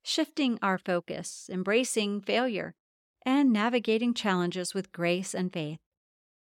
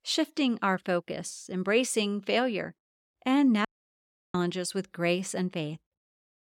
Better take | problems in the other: first | audio cutting out; at 3.5 s for 0.5 s

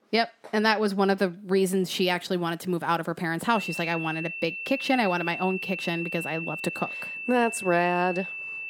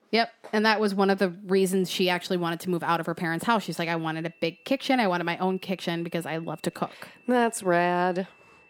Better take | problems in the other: second | high-pitched whine; loud; from 3.5 s on; 2.5 kHz, 6 dB below the speech; faint in the second

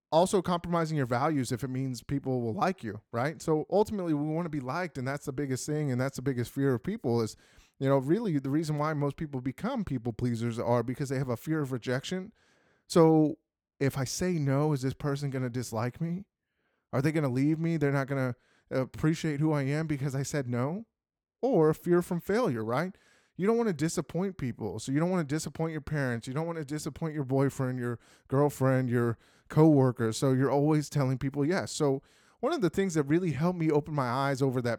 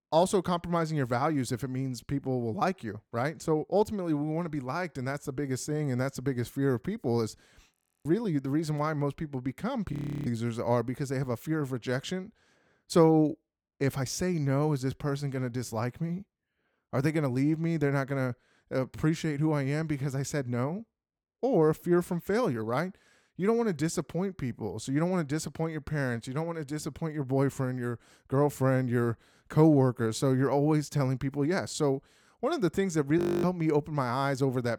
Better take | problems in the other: first | audio freezing; at 8 s, at 10 s and at 33 s

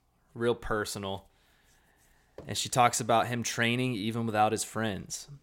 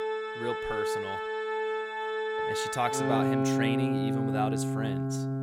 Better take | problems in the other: first | background music; very loud; throughout; 5 dB above the speech

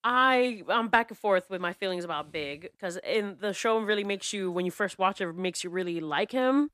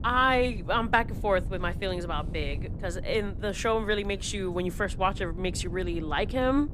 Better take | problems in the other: first | wind noise on the microphone; occasional gusts; 20 dB below the speech

